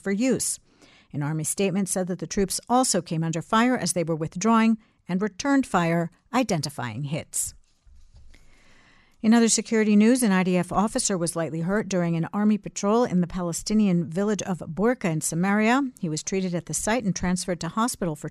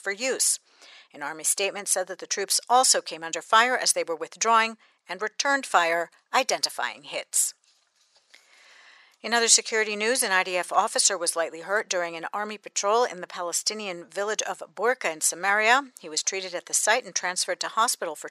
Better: first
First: none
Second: thin; very; fading below 550 Hz

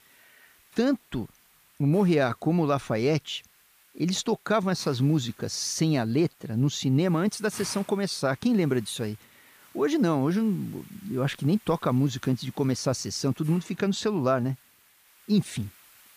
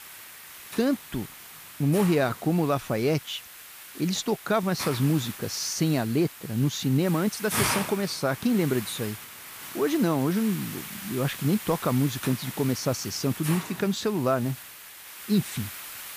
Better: first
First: hiss; faint; throughout; 25 dB below the speech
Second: hiss; loud; throughout; 10 dB below the speech

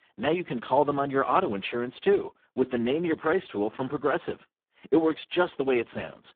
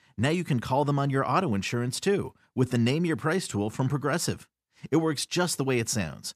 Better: second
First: phone-call audio; poor line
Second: none

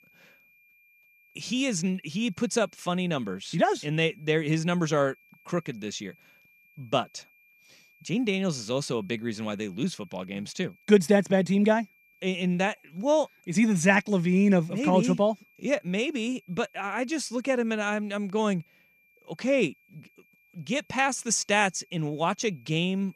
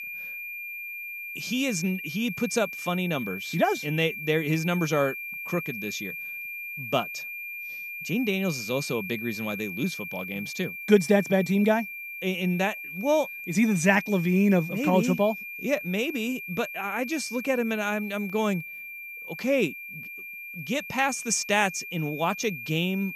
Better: first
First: high-pitched whine; faint; throughout; 2.5 kHz, 35 dB below the speech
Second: high-pitched whine; loud; throughout; 2.5 kHz, 8 dB below the speech

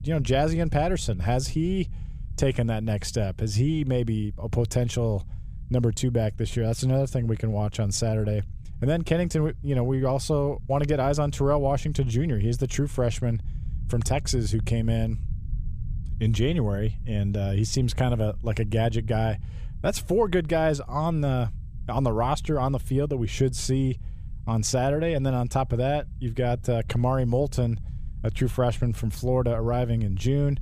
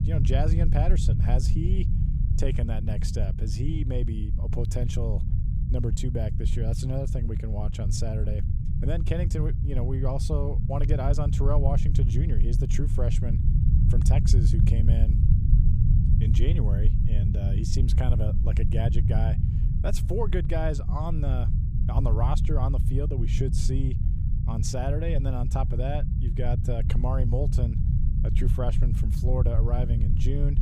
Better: first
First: low rumble; faint; throughout; 25 dB below the speech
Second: low rumble; loud; throughout; 5 dB below the speech

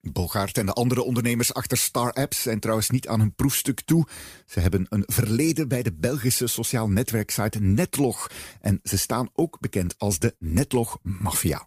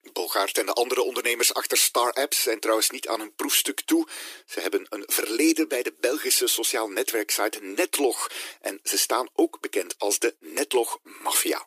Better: first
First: none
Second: thin; very; fading below 300 Hz

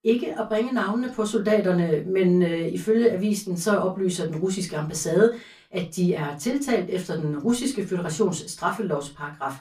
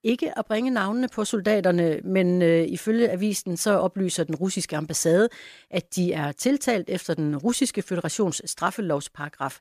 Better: second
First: off-mic speech; far // room echo; very slight; dies away in 0.2 s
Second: none

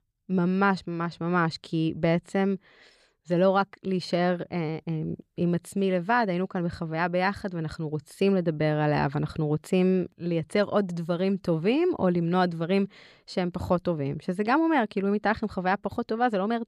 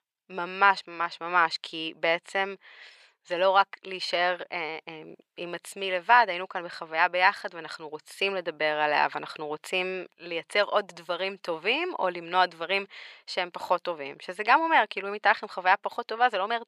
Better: first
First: none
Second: thin; very; fading below 700 Hz

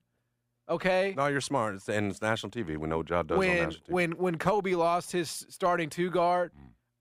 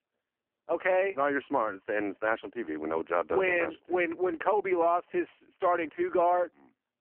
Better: first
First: none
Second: phone-call audio; poor line

